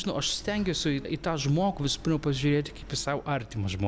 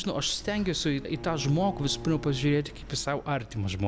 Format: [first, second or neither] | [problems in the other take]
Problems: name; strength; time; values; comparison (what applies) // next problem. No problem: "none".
first | background sound (Bowed string instrument); 15 dB below the speech